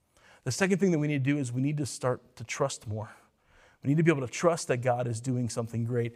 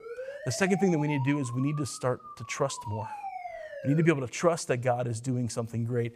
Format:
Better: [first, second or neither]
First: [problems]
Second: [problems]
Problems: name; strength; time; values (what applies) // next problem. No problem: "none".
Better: first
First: none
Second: siren; noticeable; until 4 s; peak 9 dB below the speech